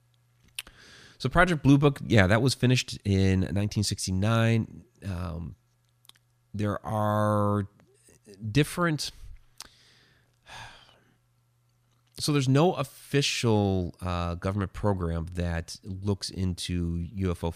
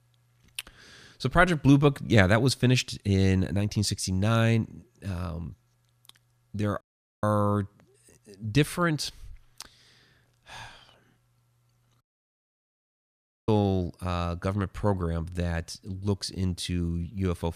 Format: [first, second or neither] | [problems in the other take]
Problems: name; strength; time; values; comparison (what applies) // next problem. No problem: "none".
first | audio cutting out; at 7 s and at 12 s for 1.5 s